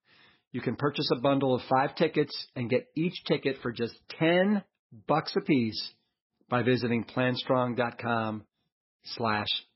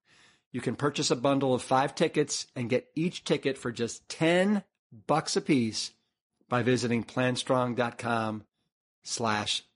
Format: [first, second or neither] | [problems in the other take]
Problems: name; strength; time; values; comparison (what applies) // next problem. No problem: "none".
second | garbled, watery; badly; nothing above 5.5 kHz; slightly in the second